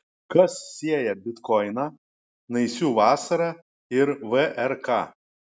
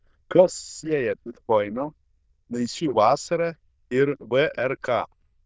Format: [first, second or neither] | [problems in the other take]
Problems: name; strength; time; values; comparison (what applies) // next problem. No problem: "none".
first | noise reduction (neural diffusion model UNIVERSE++)